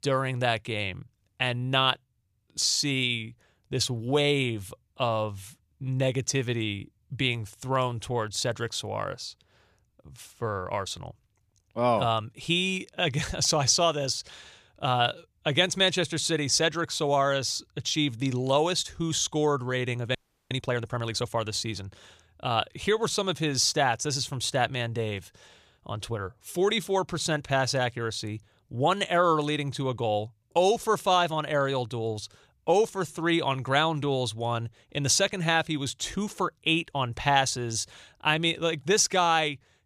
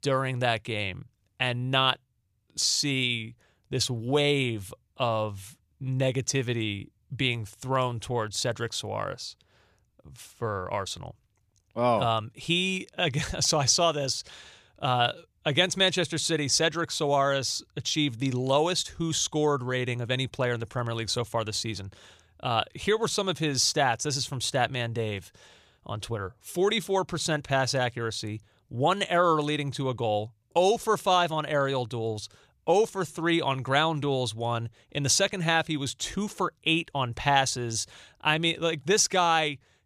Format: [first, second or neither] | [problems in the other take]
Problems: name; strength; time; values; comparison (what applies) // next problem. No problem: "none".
second | audio freezing; at 20 s